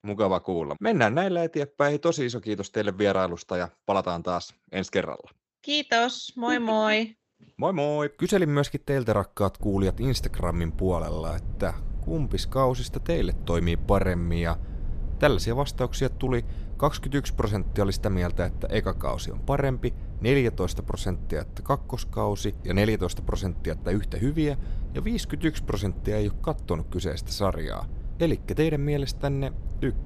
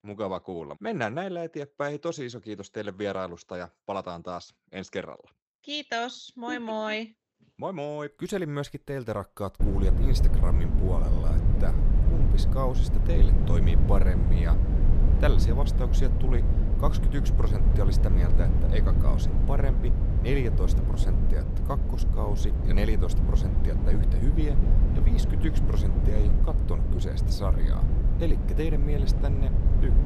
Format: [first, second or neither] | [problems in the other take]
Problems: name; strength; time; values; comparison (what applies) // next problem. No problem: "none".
first | low rumble; loud; from 9.5 s on; 4 dB below the speech; faint in the first